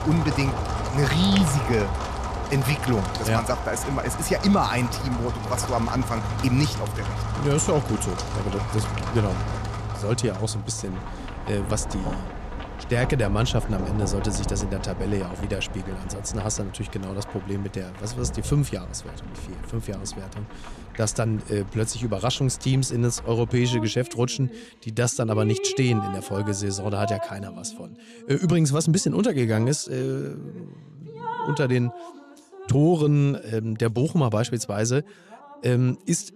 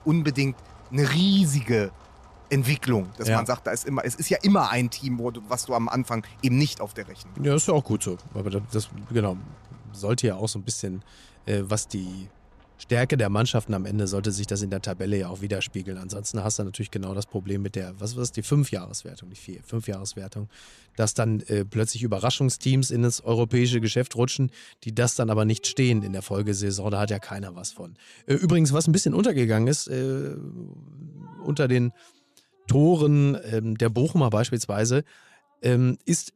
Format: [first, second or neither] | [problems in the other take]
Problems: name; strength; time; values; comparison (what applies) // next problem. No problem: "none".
second | rain or running water; loud; throughout; 7 dB below the speech; faint in the second